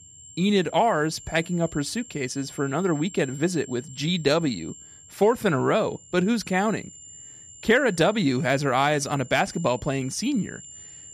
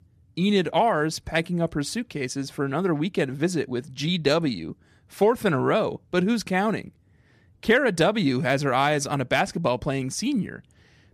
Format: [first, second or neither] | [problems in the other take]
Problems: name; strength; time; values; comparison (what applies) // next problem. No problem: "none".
second | high-pitched whine; noticeable; throughout; 7 kHz, 20 dB below the speech